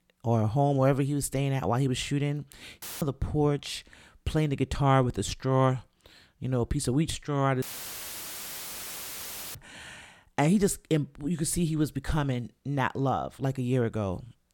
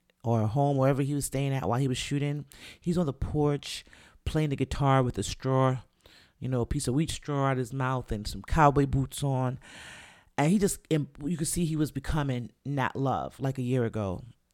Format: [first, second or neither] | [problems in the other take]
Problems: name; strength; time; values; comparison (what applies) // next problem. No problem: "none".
second | audio cutting out; filled with static; at 3 s and at 7.5 s for 2 s